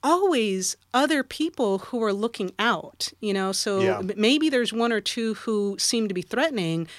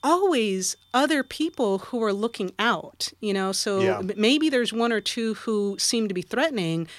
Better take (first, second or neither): first